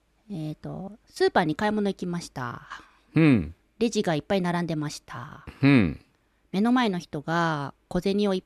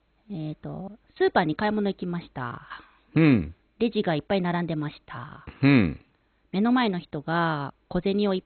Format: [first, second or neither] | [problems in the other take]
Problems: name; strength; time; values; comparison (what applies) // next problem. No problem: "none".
first | garbled, watery; badly; nothing above 4 kHz